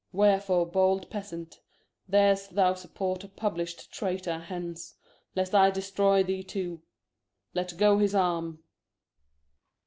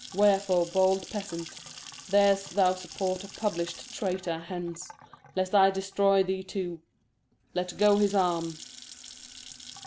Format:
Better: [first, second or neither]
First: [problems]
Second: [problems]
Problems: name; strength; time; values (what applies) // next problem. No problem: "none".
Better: first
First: none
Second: background sound (Sink (filling or washing) / Water tap, faucet / Splash, splatter); 18 dB below the speech